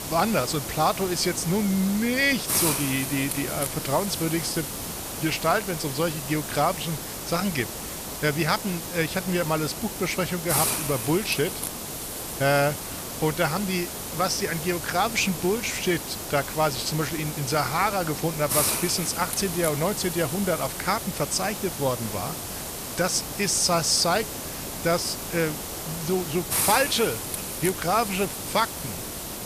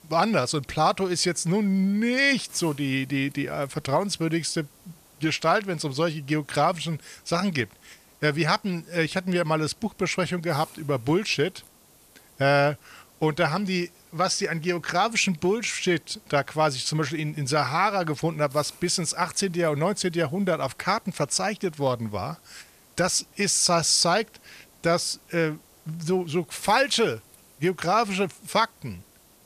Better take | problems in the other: second | hiss; loud; throughout; 4 dB below the speech; faint in the second

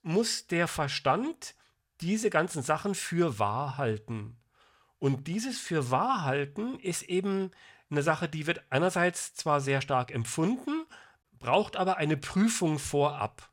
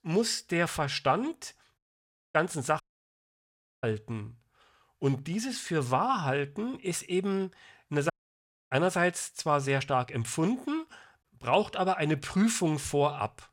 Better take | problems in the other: first | audio cutting out; at 2 s for 0.5 s, at 3 s for 1 s and at 8 s for 0.5 s

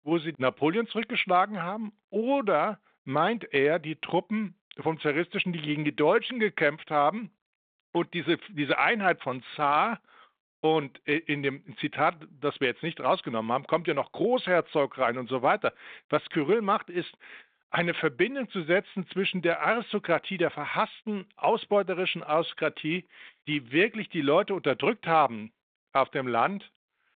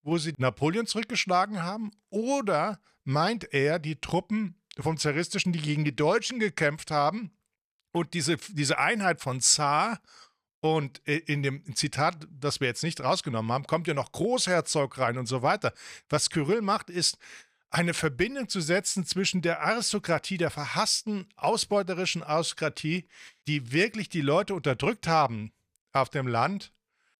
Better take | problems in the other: second | phone-call audio; nothing above 3.5 kHz

